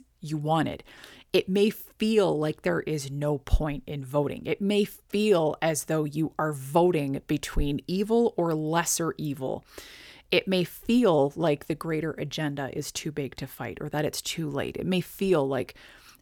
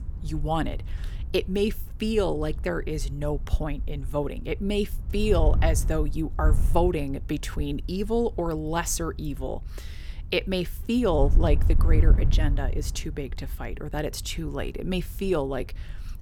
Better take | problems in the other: first | wind noise on the microphone; occasional gusts; 20 dB below the speech

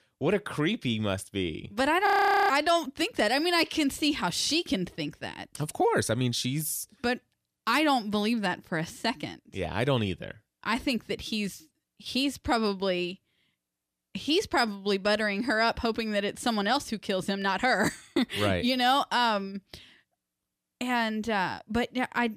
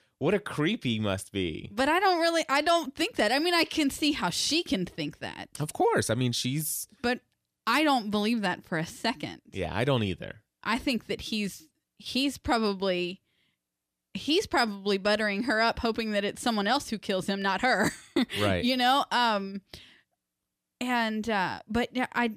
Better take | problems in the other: second | audio freezing; at 2 s

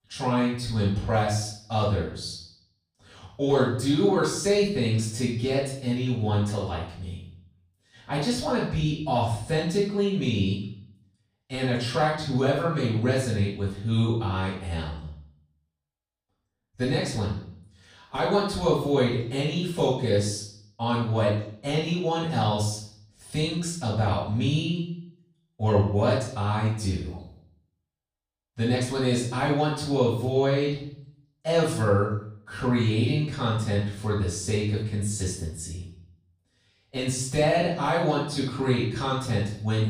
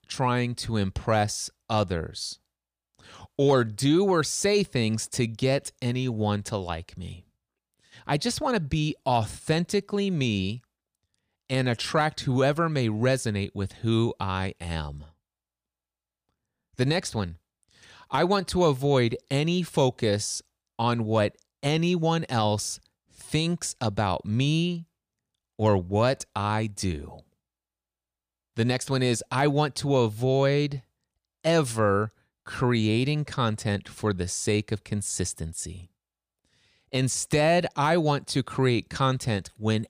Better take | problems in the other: second | off-mic speech; far // room echo; noticeable; dies away in 0.6 s

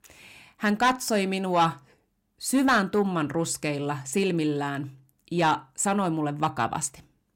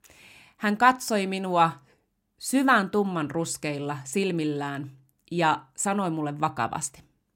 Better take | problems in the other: second | distortion; slight; 10 dB below the speech

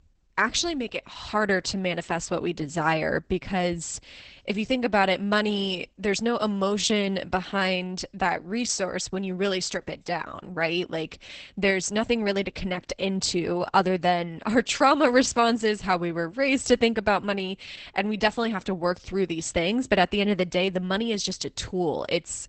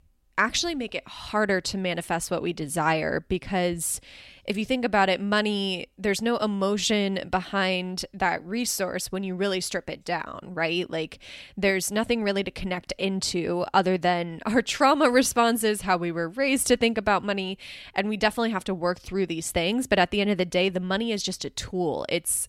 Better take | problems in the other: second | garbled, watery; badly; nothing above 8 kHz

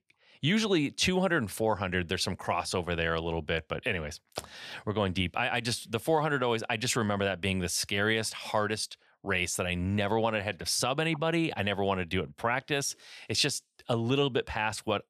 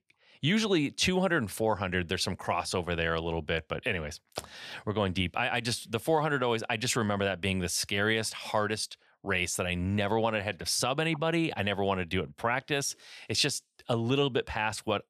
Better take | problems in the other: neither | none

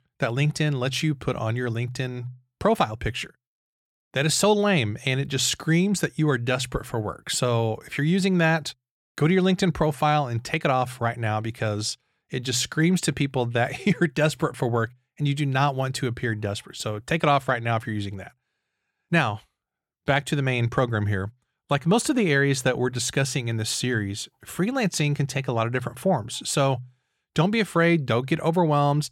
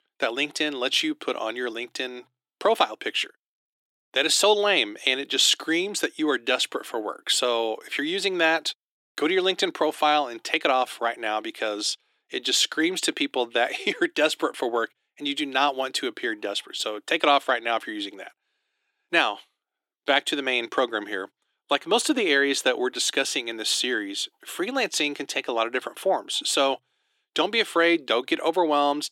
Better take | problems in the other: first | thin; somewhat; fading below 300 Hz

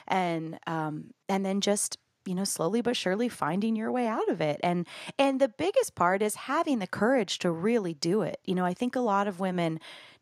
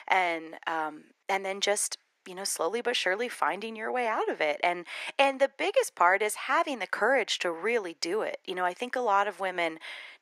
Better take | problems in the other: first | thin; very; fading below 400 Hz

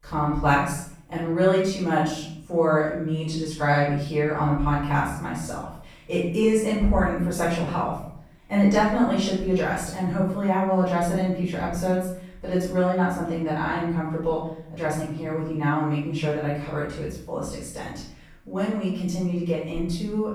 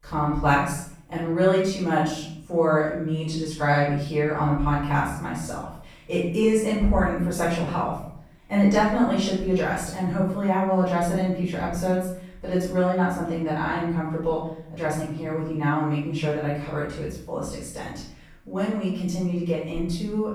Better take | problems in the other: neither | off-mic speech; far; the same in both // room echo; noticeable; dies away in 0.6 s; the same in both

